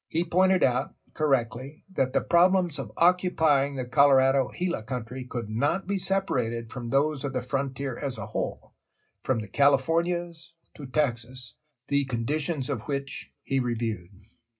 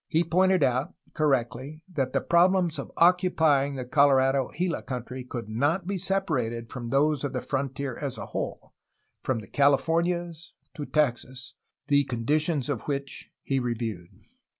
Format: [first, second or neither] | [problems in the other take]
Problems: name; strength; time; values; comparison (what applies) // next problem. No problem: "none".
second | room echo; dies away in 0.2 s